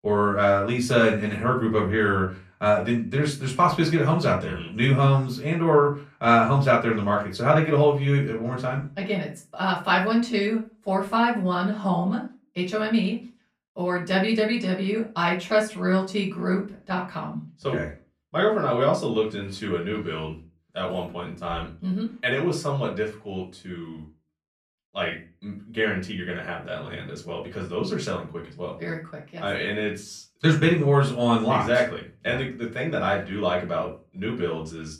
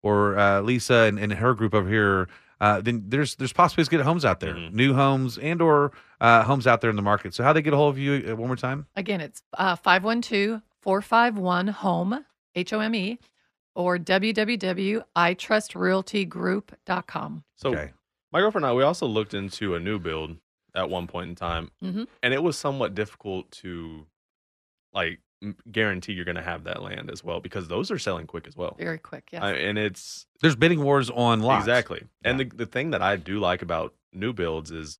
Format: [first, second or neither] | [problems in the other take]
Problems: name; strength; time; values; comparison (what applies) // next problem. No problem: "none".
second | room echo; slight; dies away in 0.3 s // off-mic speech; far